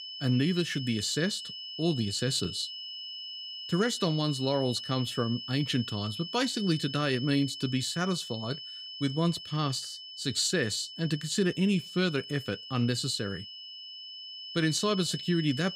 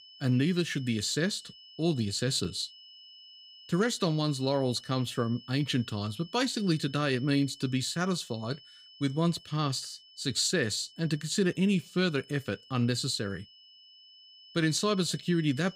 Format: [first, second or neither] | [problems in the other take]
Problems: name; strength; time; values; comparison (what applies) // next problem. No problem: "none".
second | high-pitched whine; loud; throughout; 3 kHz, 9 dB below the speech; faint in the second